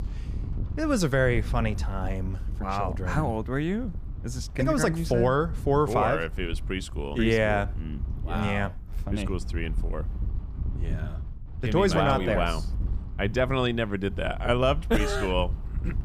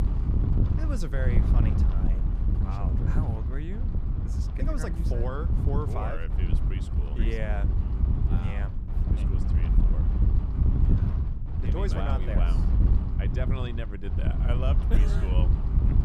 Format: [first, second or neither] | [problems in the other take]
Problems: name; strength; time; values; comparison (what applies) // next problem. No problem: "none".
first | wind noise on the microphone; heavy; 2 dB below the speech; occasional gusts in the first